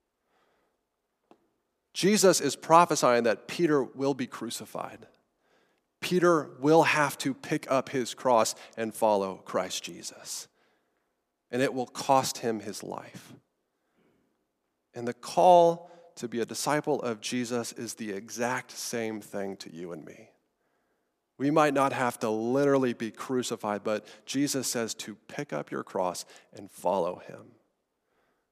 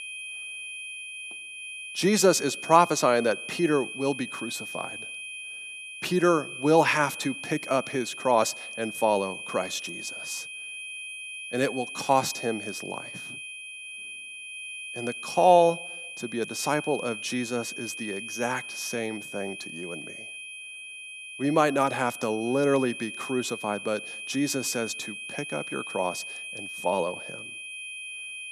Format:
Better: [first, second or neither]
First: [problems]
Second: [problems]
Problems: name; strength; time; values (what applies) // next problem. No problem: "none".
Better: first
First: none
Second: high-pitched whine; loud; throughout; 2.5 kHz, 9 dB below the speech